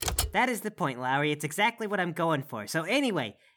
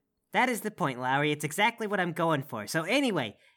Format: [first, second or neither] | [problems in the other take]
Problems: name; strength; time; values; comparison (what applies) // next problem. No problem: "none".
second | keyboard typing; noticeable; at the start; peak 1 dB below the speech